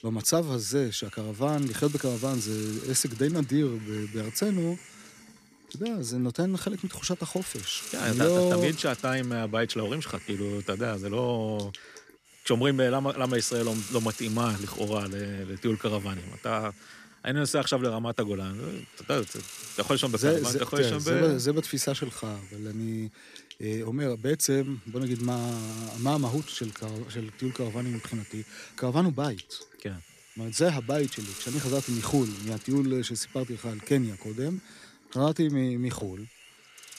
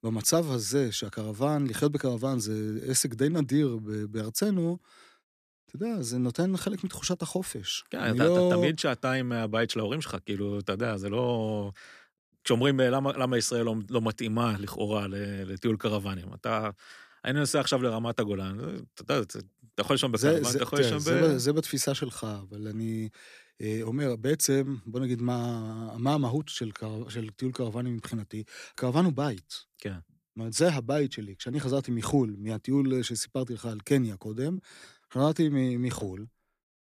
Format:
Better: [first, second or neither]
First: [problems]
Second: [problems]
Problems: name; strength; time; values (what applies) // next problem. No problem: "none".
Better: second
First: hiss; noticeable; throughout; 15 dB below the speech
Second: none